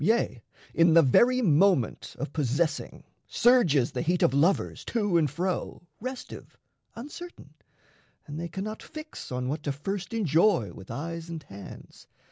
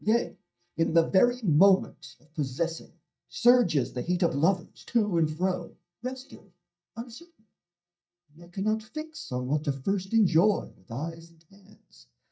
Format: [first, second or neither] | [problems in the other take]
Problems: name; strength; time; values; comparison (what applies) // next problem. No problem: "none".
first | noise reduction (neural mask model DeepFilterNet 3)